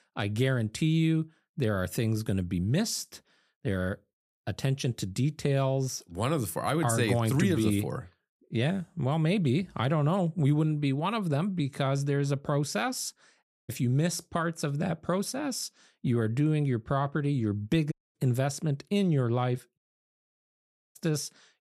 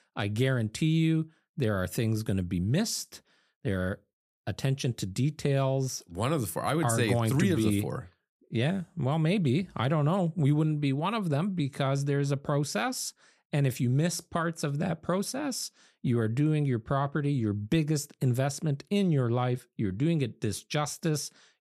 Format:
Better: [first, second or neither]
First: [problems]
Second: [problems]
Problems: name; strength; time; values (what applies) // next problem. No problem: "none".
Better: second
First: audio cutting out; at 13 s, at 18 s and at 20 s for 1 s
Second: none